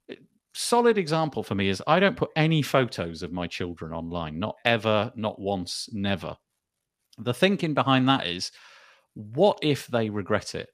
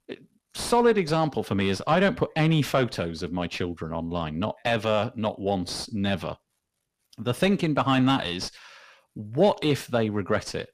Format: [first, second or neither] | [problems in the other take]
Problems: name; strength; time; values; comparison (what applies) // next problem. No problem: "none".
first | distortion; slight; 10 dB below the speech